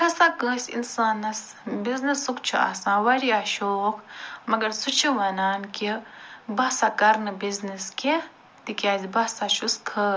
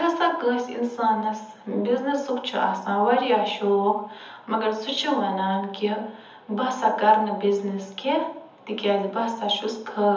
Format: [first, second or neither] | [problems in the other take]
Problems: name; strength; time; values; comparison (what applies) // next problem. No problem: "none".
first | room echo; dies away in 0.7 s